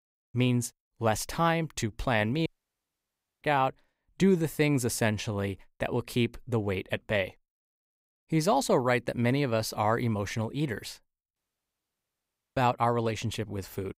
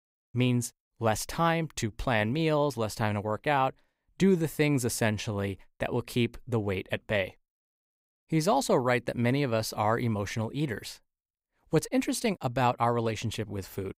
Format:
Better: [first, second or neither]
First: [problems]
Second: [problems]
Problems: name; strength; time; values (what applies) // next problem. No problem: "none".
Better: second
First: audio cutting out; at 2.5 s for 1 s and at 11 s for 1 s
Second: none